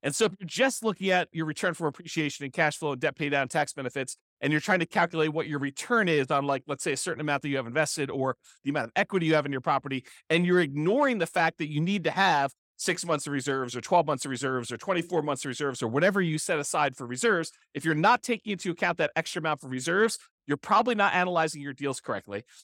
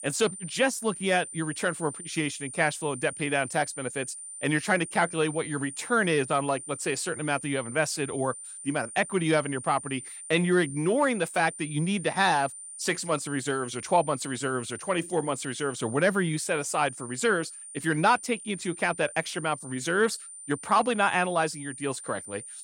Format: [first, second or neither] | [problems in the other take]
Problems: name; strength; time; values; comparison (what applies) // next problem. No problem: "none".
first | high-pitched whine; noticeable; throughout; 9 kHz, 10 dB below the speech